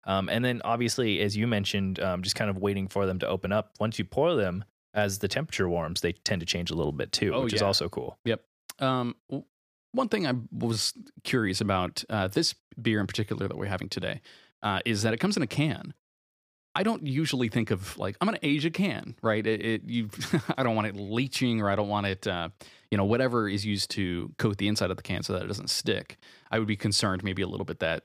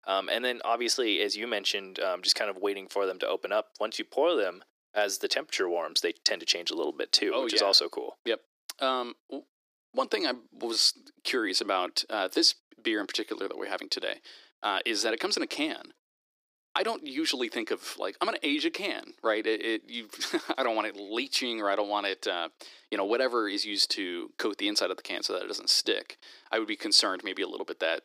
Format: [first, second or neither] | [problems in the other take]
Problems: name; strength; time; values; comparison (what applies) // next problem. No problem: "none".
first | thin; somewhat; fading below 300 Hz